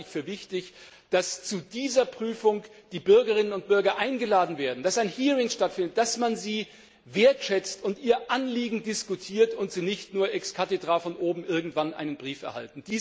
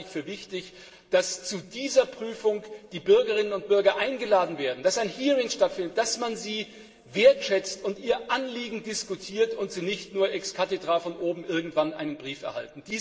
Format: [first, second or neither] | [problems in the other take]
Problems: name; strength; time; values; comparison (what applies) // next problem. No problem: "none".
first | room echo; dies away in 2.9 s